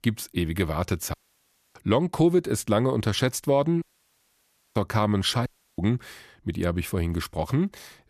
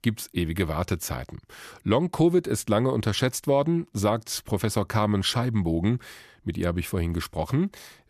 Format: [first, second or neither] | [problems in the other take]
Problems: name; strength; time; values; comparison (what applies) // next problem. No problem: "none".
second | audio cutting out; at 1 s for 0.5 s, at 4 s for 1 s and at 5.5 s